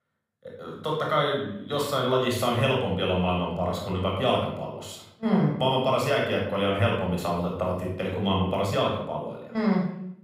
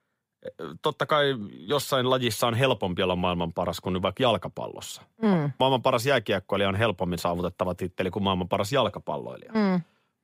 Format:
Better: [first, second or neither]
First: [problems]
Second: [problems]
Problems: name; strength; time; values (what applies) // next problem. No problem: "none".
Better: second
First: room echo; noticeable; dies away in 0.6 s // off-mic speech; somewhat distant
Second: none